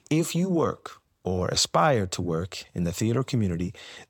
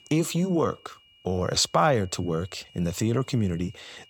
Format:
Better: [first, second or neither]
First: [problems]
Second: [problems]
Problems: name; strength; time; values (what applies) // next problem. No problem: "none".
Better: first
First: none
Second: high-pitched whine; faint; throughout; 3 kHz, 25 dB below the speech